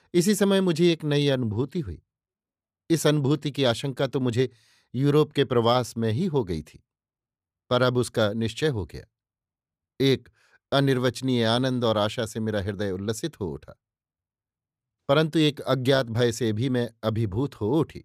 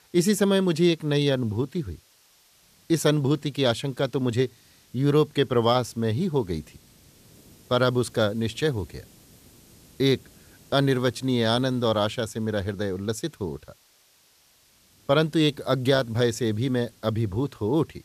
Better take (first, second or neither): first